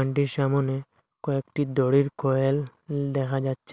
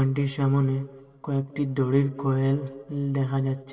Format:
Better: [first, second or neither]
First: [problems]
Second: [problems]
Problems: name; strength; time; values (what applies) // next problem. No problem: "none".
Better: first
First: none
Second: room echo; dies away in 2 s